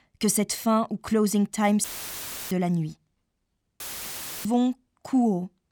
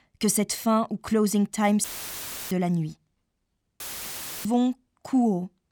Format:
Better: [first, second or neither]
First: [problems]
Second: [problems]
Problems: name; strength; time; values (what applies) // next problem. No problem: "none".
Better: neither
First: audio cutting out; filled with static; at 2 s for 0.5 s and at 4 s for 0.5 s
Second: audio cutting out; filled with static; at 2 s for 0.5 s and at 4 s for 0.5 s